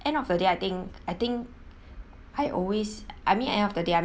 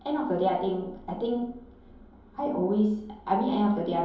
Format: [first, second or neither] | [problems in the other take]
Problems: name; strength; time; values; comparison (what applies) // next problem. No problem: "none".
first | room echo; dies away in 2.8 s